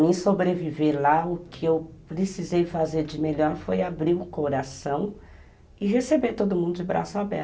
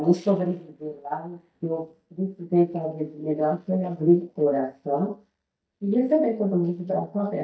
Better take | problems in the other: first | noise reduction (neural mask model DeepFilterNet 3)

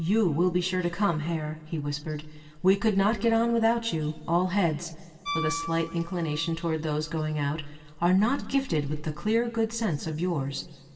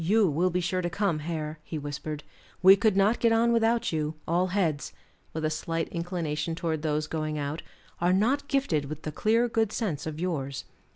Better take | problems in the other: second | background sound (Piano); 18 dB below the speech // room echo; dies away in 1.8 s

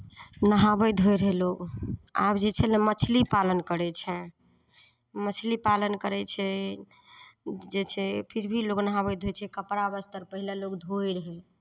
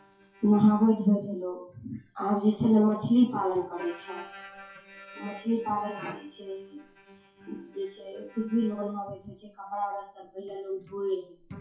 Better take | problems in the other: first | noise reduction (classical method WPE with log-MMSE)

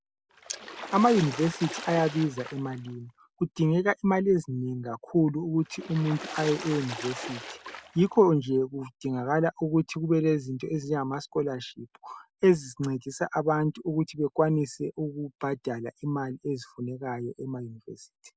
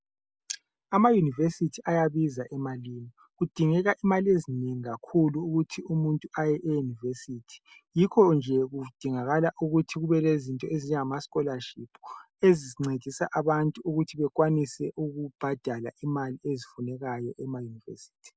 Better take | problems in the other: second | background sound (Water / Splash, splatter); 12 dB below the speech

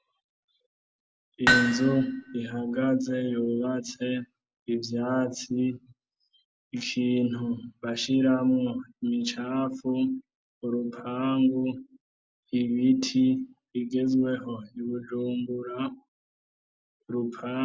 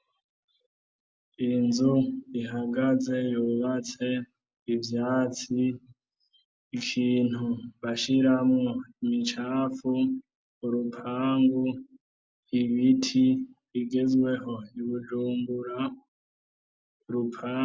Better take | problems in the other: second | background sound (Hammer); 1 dB above the speech

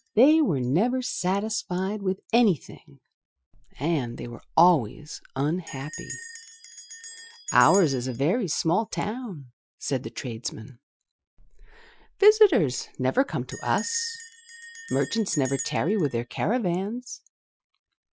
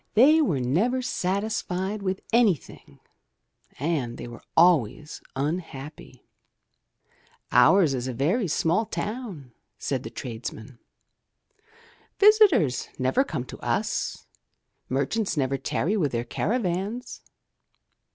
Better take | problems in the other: second | noise reduction (classical method Wiener filter)

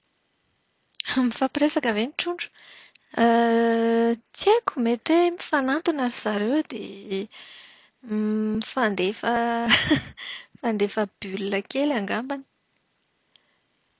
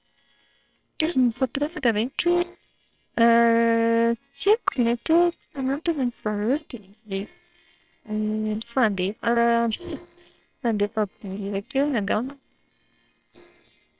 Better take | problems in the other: first | noise reduction (neural separator model SepFormer WHAMR!)

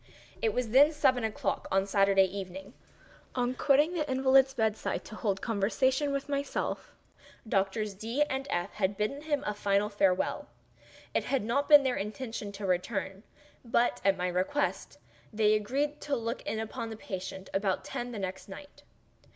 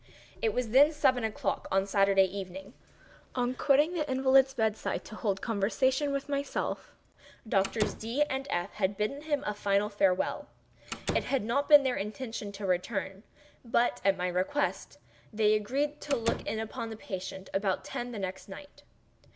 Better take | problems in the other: first | background sound (Slam); 10 dB below the speech

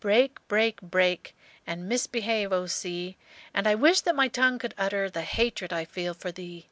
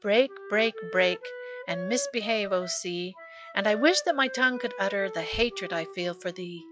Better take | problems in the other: first | noise reduction (classical method log-MMSE)

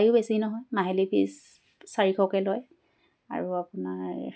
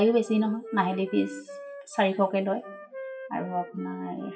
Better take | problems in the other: first | noise reduction (classical method WPE with log-MMSE)

